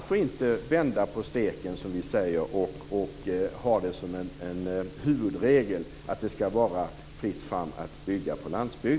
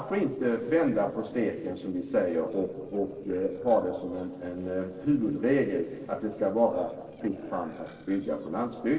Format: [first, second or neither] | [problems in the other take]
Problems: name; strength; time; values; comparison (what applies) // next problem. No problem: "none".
first | noise reduction (neural separator model SepFormer DNS4)